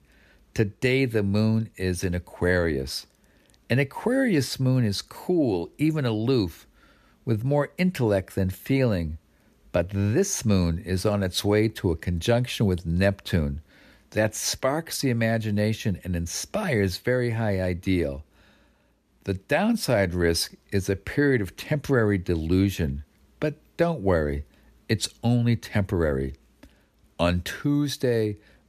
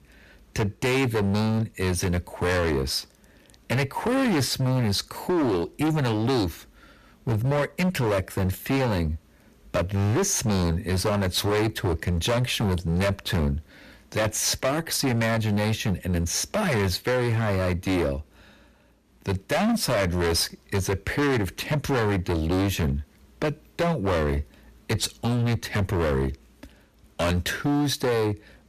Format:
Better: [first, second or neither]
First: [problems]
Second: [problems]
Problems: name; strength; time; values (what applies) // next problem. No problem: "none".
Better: first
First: none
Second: distortion; heavy; 20% of the sound clipped